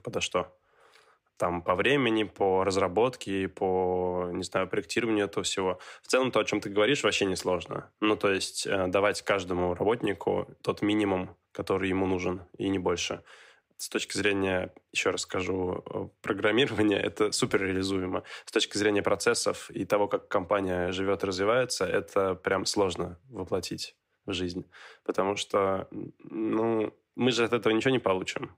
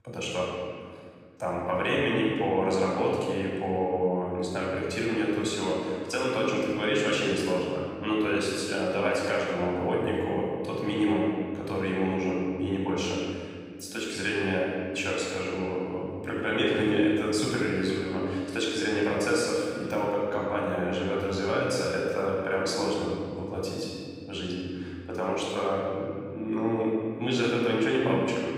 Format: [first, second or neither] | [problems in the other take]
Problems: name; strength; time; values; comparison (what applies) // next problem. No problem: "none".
first | off-mic speech; far // room echo; strong; dies away in 2.1 s